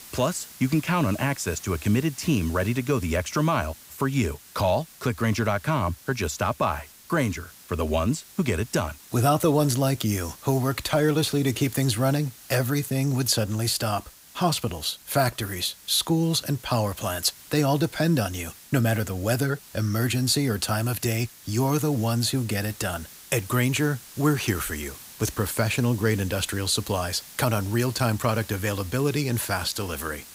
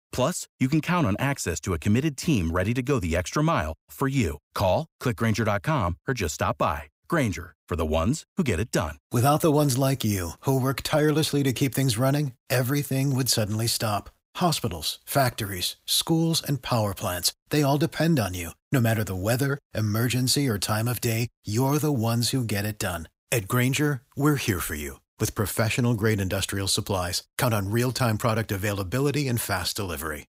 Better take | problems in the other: second | hiss; noticeable; throughout; 20 dB below the speech

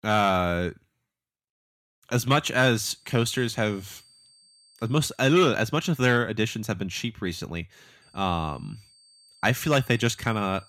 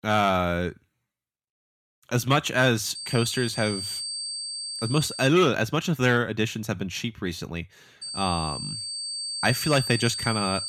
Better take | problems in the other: first | high-pitched whine; loud; from 3 to 5.5 s and from 8 s on; 4.5 kHz, 6 dB below the speech; faint in the first

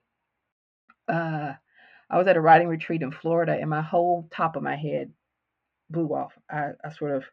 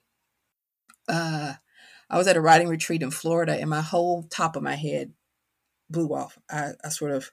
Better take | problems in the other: second | muffled; very; fading above 2.5 kHz

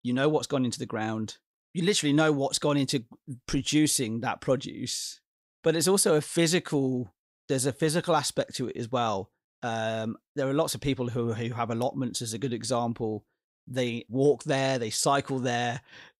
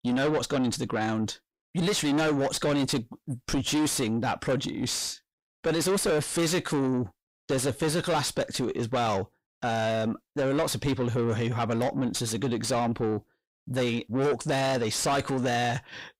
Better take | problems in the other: first | distortion; heavy; 6 dB below the speech

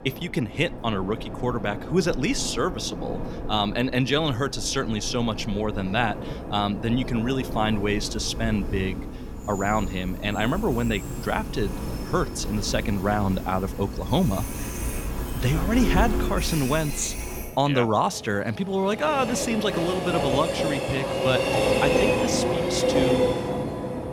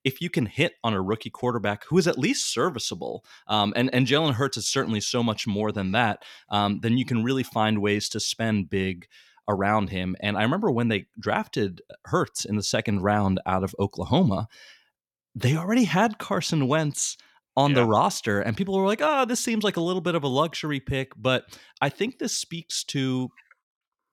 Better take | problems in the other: second | train or aircraft noise; loud; throughout; 3 dB below the speech

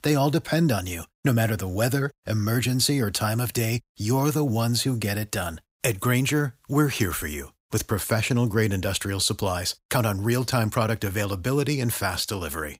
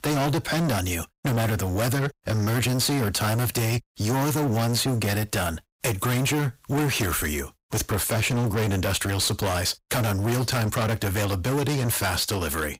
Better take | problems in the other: first | distortion; heavy; 32% of the sound clipped

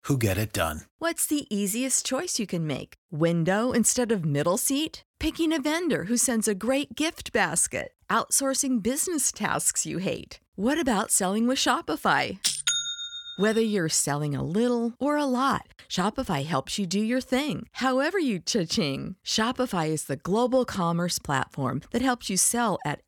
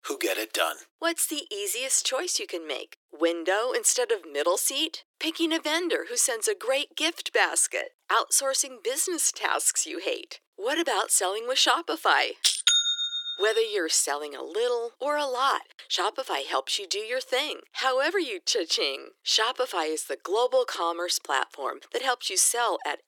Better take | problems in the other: first | thin; very; fading below 350 Hz

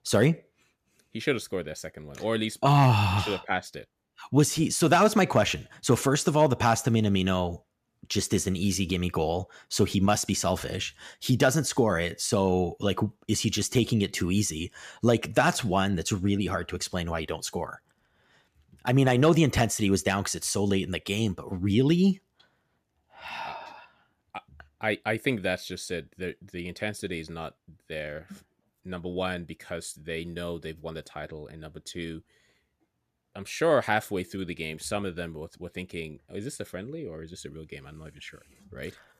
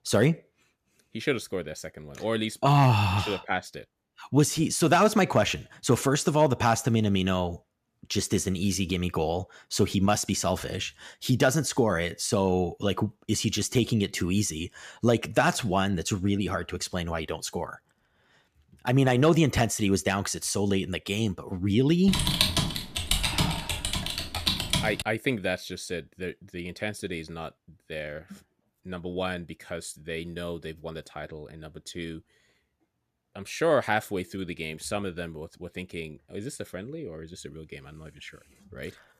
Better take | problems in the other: first | keyboard typing; loud; from 22 to 25 s; peak 4 dB above the speech

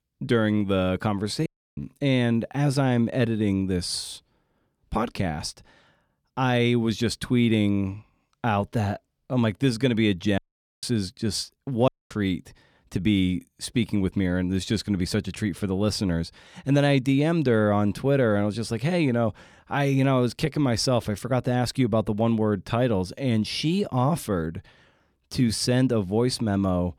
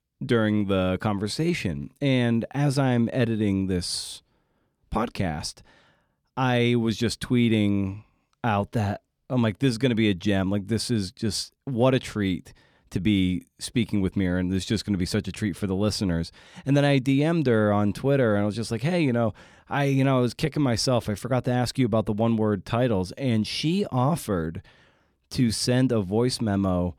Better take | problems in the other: second | audio cutting out; at 1.5 s, at 10 s and at 12 s

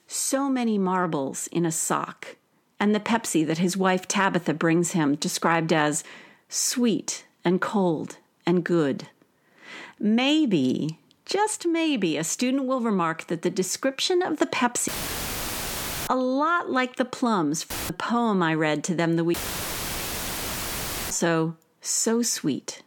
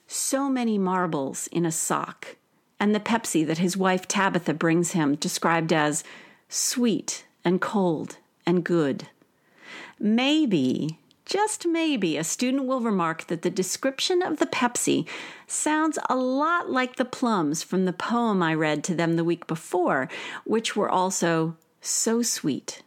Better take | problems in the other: second | audio cutting out; filled with static; at 15 s for 1 s, at 18 s and at 19 s for 2 s

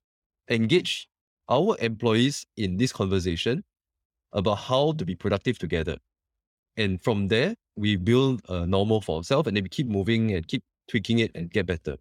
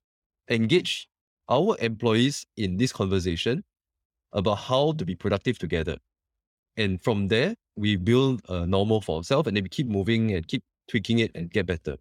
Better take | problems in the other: neither | none

